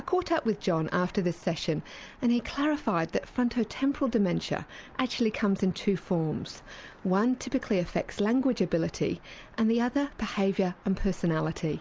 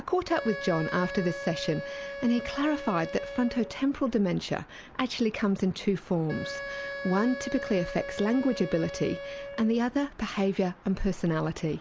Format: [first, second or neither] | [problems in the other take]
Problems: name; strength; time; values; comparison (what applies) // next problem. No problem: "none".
first | background sound (Wind instrument, woodwind instrument); 11 dB below the speech